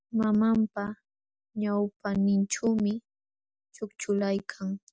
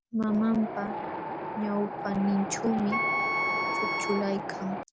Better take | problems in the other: first | background sound (Wind + Wind instrument, woodwind instrument); 2 dB below the speech

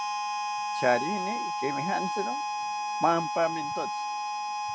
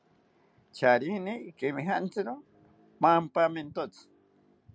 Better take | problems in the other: second | background sound (Harmonica); as loud as the speech

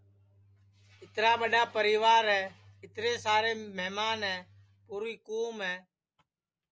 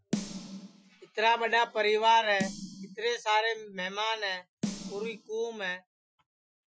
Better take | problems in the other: first | noise reduction (classical method Wiener filter)

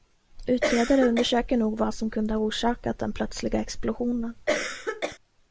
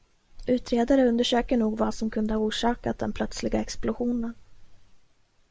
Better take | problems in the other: second | background sound (Cough); 3 dB below the speech

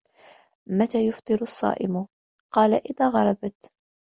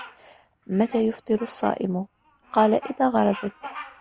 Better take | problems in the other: first | background sound (Bird vocalization, bird call, bird song); 17 dB below the speech

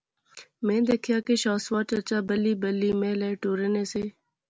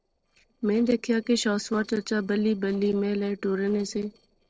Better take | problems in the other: first | noise reduction (neural separator model SepFormer DNS4)

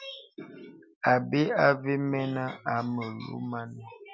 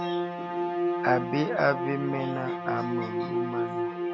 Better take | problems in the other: first | background sound (Bowed string instrument); as loud as the speech

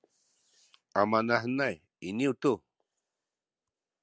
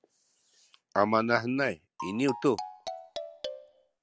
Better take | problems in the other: first | background sound (Marimba, xylophone); 9 dB below the speech

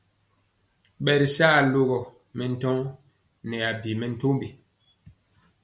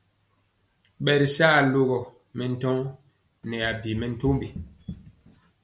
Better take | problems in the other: first | background sound (Run); 13 dB below the speech

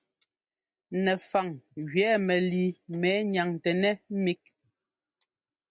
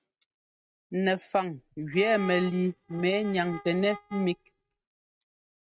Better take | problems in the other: first | noise reduction (neural mask model RNNoise)

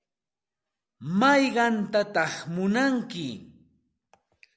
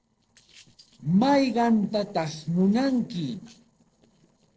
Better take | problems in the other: first | noise reduction (neural separator model SepFormer DNS4)

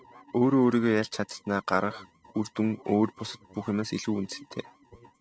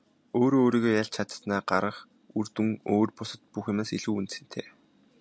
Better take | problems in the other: second | noise reduction (neural mask model RNNoise)

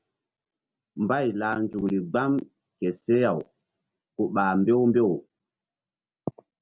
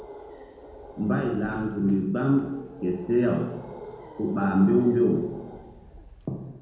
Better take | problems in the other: first | background sound (Animal); 18 dB below the speech // room echo; dies away in 1 s

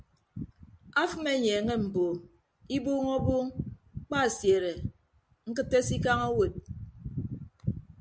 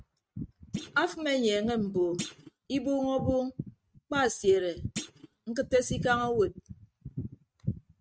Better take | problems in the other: first | noise reduction (neural mask model RNNoise)

